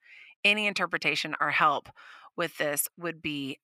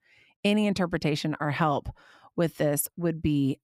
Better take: second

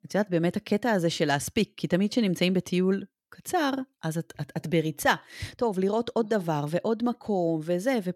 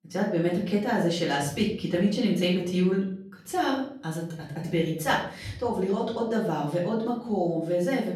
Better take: first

